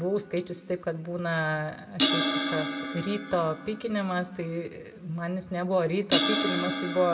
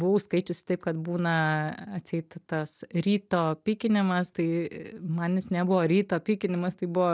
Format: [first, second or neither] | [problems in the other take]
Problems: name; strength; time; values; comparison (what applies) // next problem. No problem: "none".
second | background sound (Crash cymbal); 3 dB below the speech // room echo; dies away in 1.1 s